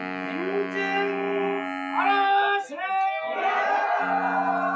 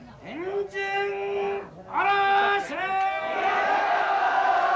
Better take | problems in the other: second | noise reduction (classical method log-MMSE)

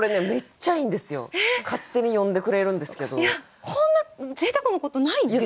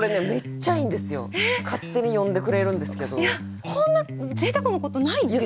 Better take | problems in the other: first | background sound (Electric guitar); 8 dB below the speech

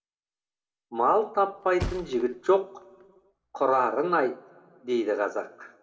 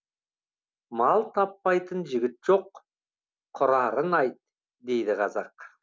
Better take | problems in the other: second | background sound (Thump, thud); 13 dB below the speech // room echo; dies away in 1.8 s

